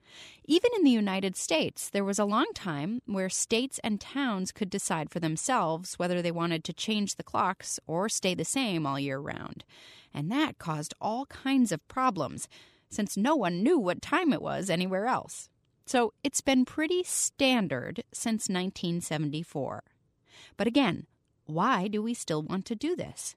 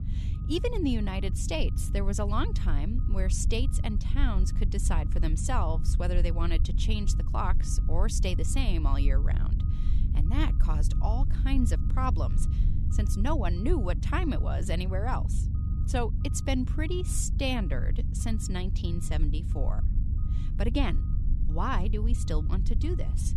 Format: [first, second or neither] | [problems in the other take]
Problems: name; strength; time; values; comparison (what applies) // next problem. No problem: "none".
first | low rumble; noticeable; throughout; 10 dB below the speech